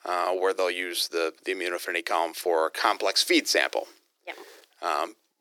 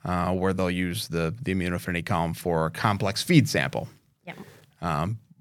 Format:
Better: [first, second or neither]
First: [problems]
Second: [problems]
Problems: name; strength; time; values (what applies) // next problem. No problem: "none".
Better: second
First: thin; very; fading below 350 Hz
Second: none